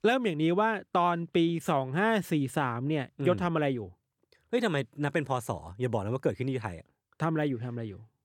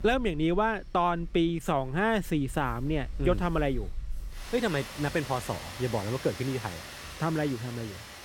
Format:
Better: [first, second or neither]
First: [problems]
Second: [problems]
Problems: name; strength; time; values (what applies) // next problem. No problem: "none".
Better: first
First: none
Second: rain or running water; noticeable; throughout; 10 dB below the speech